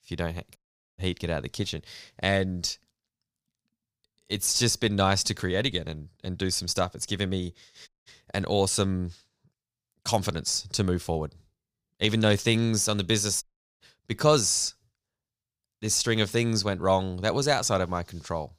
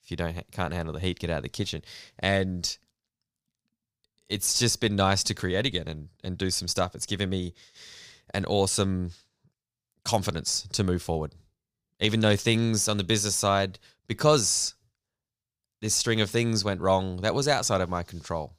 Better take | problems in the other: second | audio cutting out; at 0.5 s, at 8 s and at 13 s

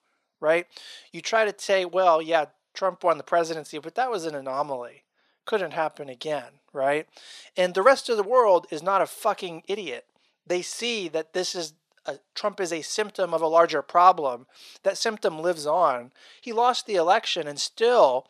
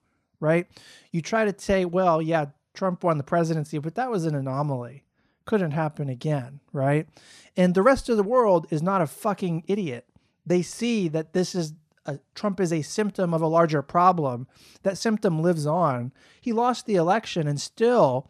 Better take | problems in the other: second | thin; very; fading below 550 Hz

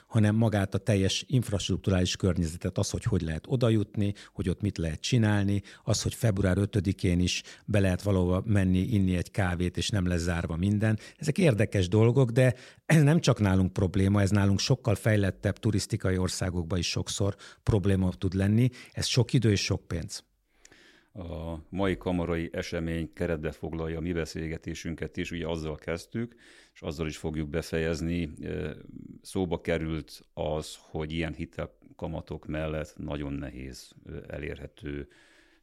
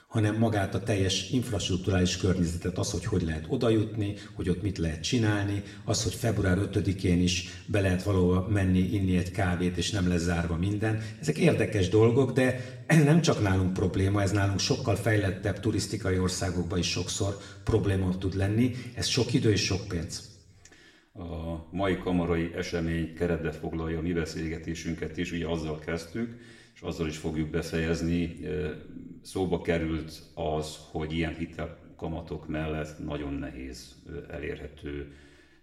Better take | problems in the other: first | room echo; slight; dies away in 0.7 s // off-mic speech; somewhat distant

